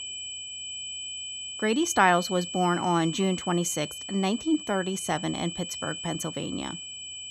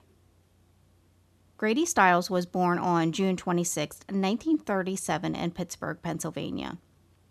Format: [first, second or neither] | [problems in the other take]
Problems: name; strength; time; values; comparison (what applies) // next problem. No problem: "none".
second | high-pitched whine; loud; throughout; 3 kHz, 8 dB below the speech